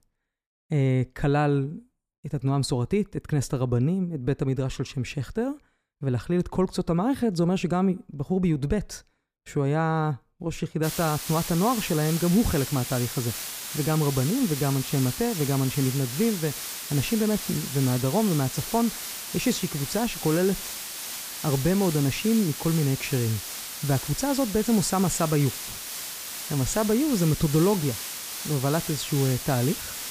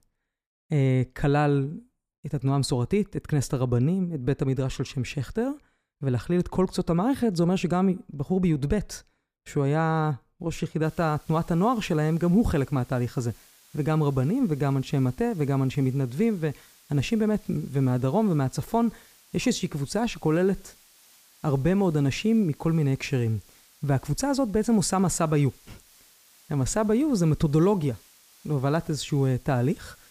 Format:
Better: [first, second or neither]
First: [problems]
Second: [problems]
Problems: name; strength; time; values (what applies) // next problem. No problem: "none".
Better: second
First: hiss; loud; from 11 s on; 6 dB below the speech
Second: hiss; faint; from 11 s on; 30 dB below the speech